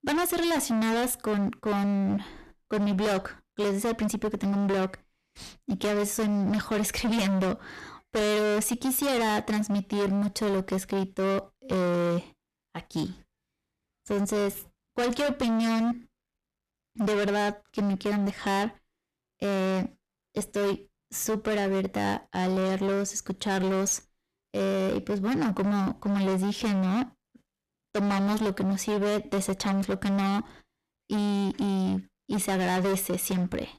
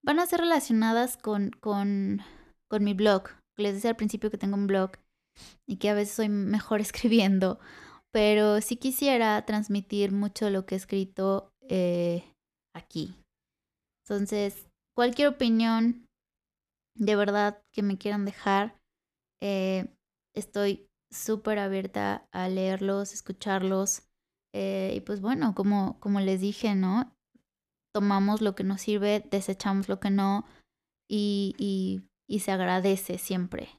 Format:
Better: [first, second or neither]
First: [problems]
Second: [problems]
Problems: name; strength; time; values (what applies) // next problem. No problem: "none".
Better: second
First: distortion; heavy; 27% of the sound clipped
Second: none